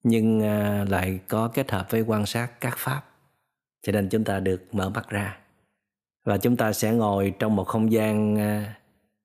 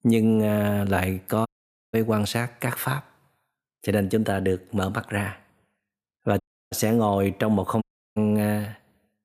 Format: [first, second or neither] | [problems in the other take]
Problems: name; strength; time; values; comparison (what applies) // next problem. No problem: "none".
first | audio cutting out; at 1.5 s, at 6.5 s and at 8 s